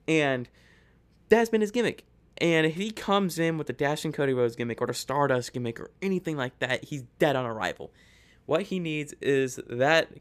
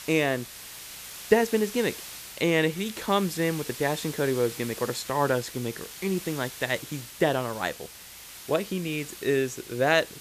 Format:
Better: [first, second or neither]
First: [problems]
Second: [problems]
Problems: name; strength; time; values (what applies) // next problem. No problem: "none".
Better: first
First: none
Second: hiss; noticeable; throughout; 10 dB below the speech